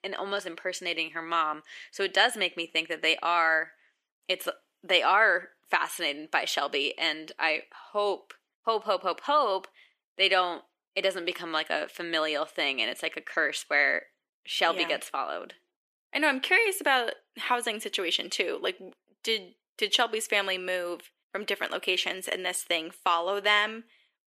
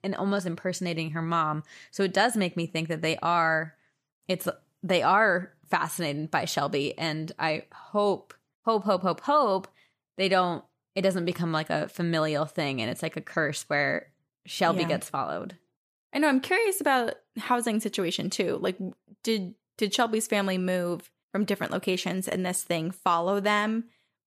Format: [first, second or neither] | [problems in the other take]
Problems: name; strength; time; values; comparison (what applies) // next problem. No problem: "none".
second | thin; somewhat; fading below 300 Hz